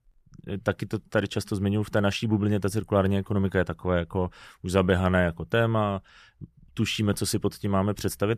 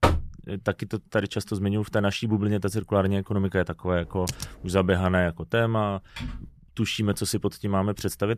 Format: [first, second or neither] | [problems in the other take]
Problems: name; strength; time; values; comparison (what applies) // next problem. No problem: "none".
first | door banging; loud; at the start; peak 2 dB above the speech // keyboard typing; noticeable; at 4 s; peak 8 dB below the speech // keyboard typing; faint; at 6 s; peak 10 dB below the speech